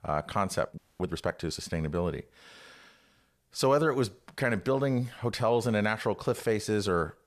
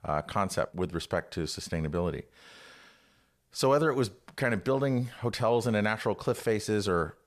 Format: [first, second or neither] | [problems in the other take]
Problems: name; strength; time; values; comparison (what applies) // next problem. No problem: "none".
second | audio freezing; at 1 s